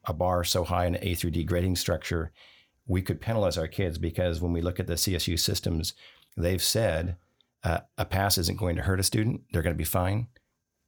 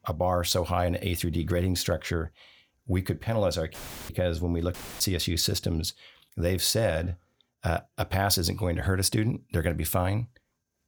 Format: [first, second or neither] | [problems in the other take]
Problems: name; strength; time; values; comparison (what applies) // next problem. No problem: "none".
first | audio cutting out; filled with static; at 3.5 s and at 4.5 s